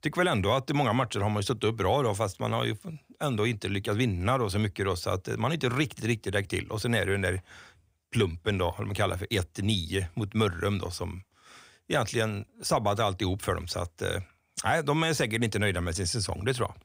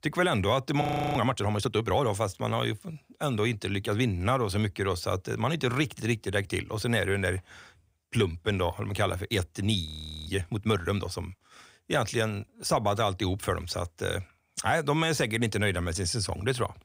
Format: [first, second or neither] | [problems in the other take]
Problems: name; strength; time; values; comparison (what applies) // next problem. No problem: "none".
first | audio freezing; at 1 s and at 10 s